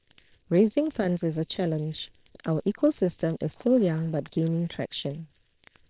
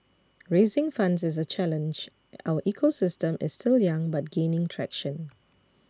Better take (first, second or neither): second